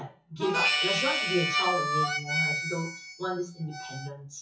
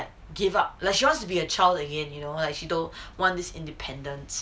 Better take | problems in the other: second | noise reduction (classical method WPE with log-MMSE)

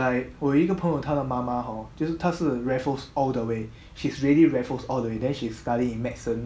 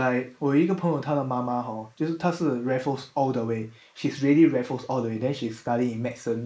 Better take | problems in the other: first | noise reduction (neural mask model Resemble Enhance denoiser)

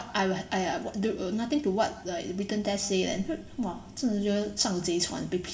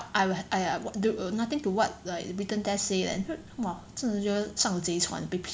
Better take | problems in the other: second | room echo; dies away in 0.8 s

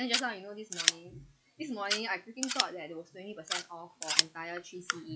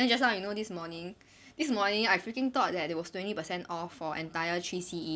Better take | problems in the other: second | noise reduction (classical method log-MMSE)

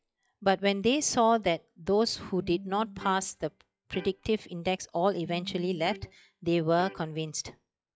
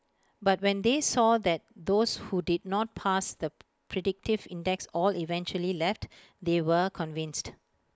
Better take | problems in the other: second | noise reduction (classical method log-MMSE)

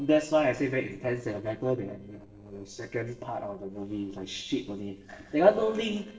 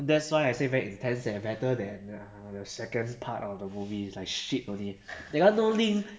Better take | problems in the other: second | noise reduction (neural separator model SepFormer DNS4)

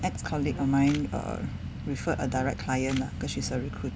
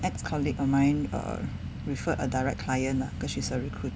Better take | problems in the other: second | background sound (Bowed string instrument + Camera); 18 dB below the speech

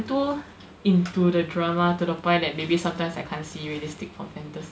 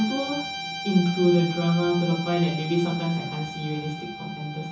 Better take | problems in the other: first | background sound (Guitar); 10 dB below the speech // room echo; dies away in 0.7 s

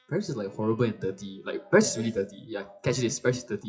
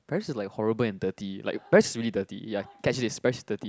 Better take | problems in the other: second | noise reduction (classical method WPE with log-MMSE)

